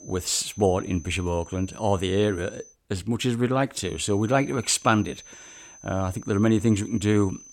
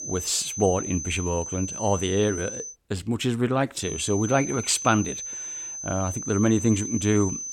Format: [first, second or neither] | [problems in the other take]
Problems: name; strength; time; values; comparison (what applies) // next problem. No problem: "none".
first | high-pitched whine; loud; until 2.5 s and from 4 s on; 6 kHz, 7 dB below the speech; faint in the first